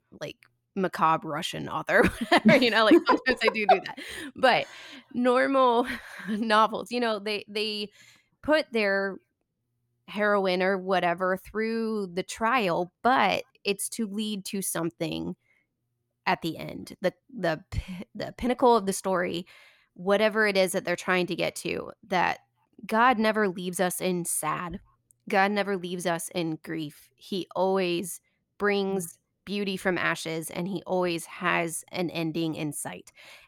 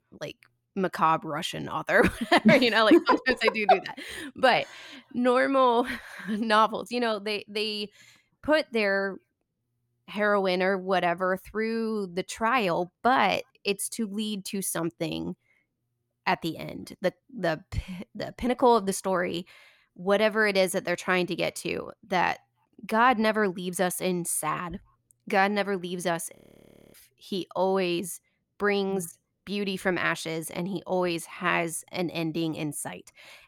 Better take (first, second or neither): first